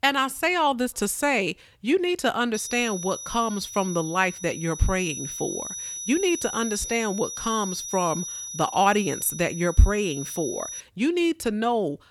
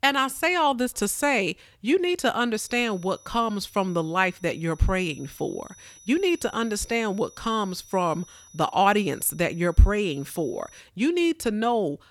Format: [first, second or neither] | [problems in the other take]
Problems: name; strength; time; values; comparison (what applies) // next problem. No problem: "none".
second | high-pitched whine; loud; from 2.5 to 11 s; 6 kHz, 8 dB below the speech; faint in the second